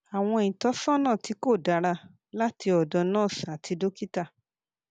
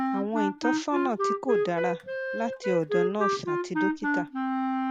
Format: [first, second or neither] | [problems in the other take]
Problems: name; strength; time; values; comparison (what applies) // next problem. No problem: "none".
first | background sound (Wind instrument, woodwind instrument); 3 dB above the speech